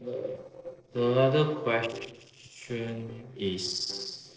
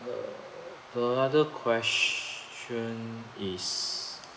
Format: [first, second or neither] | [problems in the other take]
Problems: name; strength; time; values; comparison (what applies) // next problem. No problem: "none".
second | noise reduction (neural separator model SepFormer DNS4)